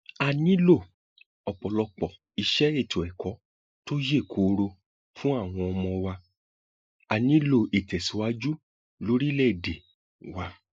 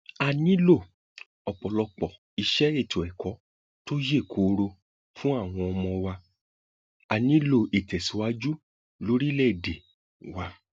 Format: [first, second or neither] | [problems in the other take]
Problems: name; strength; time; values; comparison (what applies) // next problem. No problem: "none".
second | noise reduction (neural mask model Resemble Enhance denoiser)